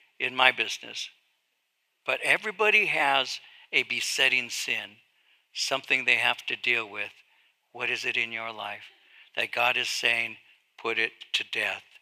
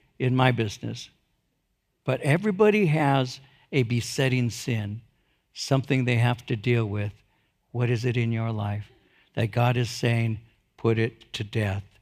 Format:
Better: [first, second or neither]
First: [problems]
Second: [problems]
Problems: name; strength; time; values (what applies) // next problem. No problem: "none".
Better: second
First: thin; very; fading below 800 Hz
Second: none